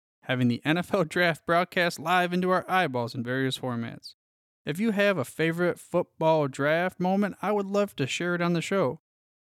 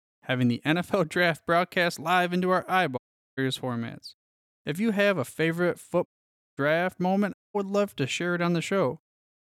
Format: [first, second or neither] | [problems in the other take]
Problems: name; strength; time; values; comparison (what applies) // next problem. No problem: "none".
first | audio cutting out; at 3 s, at 6 s for 0.5 s and at 7.5 s